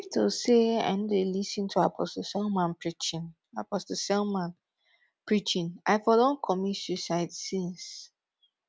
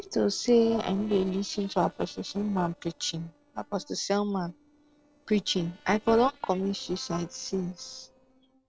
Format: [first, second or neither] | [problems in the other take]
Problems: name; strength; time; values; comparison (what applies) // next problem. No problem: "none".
first | noise reduction (neural separator model SepFormer DNS4)